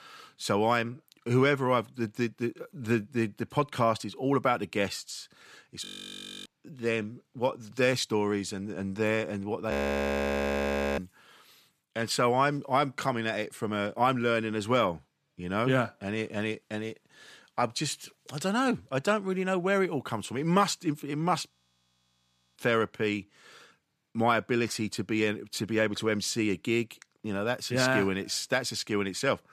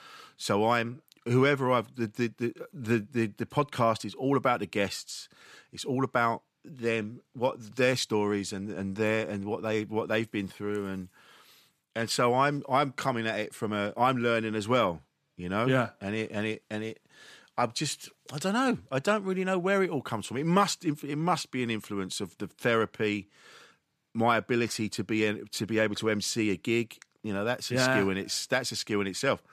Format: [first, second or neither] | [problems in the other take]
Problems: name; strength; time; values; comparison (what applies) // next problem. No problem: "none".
second | audio freezing; at 6 s for 0.5 s, at 9.5 s for 1.5 s and at 22 s for 1 s